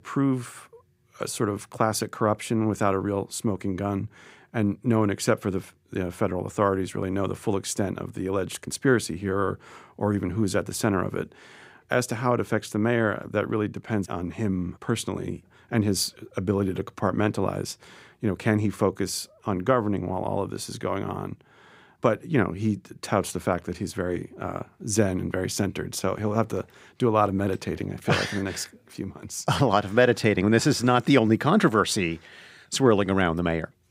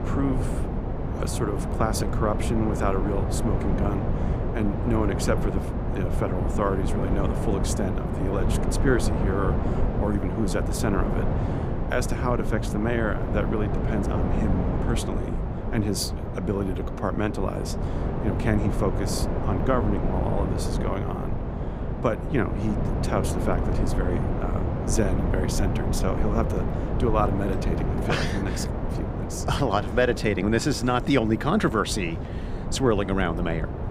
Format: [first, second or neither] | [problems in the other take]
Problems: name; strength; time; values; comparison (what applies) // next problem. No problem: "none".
first | wind noise on the microphone; heavy; 4 dB below the speech